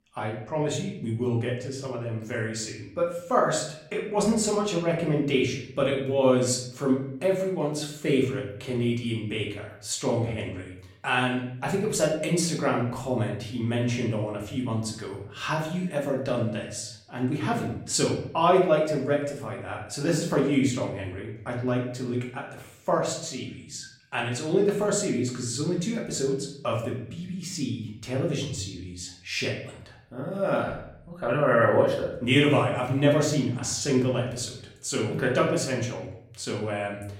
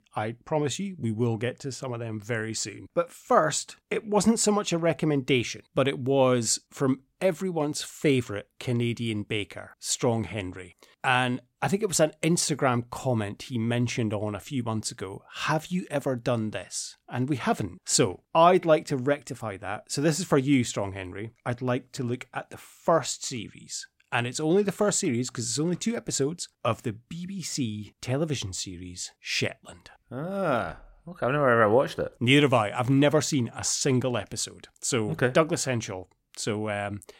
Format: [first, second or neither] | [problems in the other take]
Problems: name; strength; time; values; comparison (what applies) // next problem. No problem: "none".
second | room echo; slight; dies away in 0.6 s // off-mic speech; far